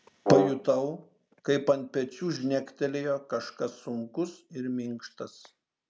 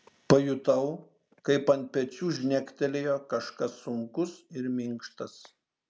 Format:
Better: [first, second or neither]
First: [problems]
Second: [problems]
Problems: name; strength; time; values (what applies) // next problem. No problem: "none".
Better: second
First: background sound (Brass instrument); 1 dB above the speech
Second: none